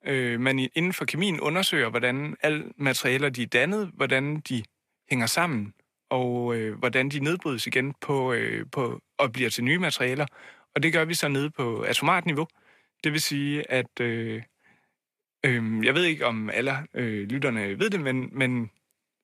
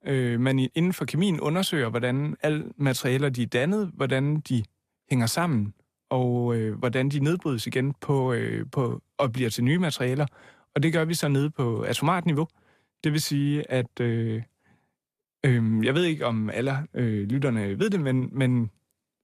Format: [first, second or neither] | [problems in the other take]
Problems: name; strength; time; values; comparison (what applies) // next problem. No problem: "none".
second | thin; very slightly; fading below 300 Hz